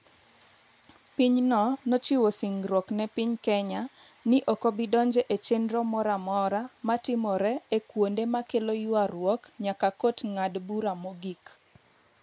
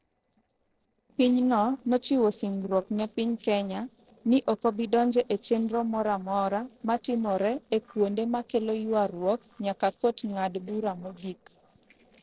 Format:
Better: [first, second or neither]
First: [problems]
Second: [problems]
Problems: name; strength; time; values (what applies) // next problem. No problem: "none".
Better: first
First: none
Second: noise reduction (neural separator model SepFormer DNS4)